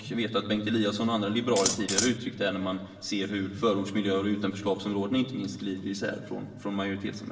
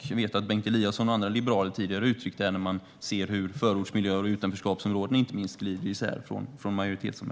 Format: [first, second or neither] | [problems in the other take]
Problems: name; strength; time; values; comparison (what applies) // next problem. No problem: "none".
second | background sound (Scissors); 1 dB below the speech // room echo; dies away in 1.3 s